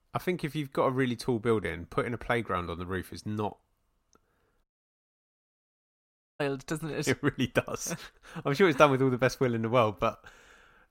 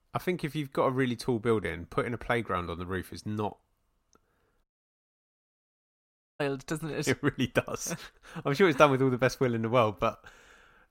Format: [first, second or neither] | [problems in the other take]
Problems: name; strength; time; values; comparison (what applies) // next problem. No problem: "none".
neither | audio cutting out; at 4.5 s for 2 s; the same in both